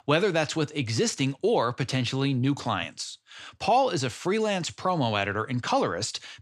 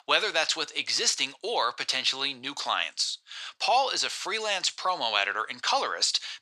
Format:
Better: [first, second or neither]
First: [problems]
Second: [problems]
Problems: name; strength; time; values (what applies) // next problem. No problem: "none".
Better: first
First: none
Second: thin; very; fading below 850 Hz